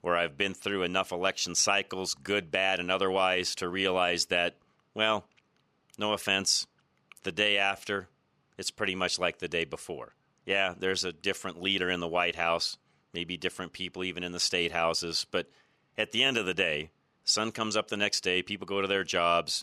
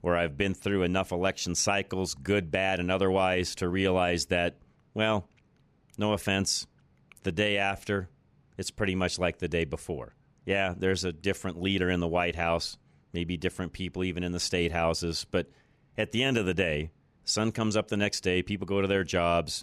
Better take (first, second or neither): second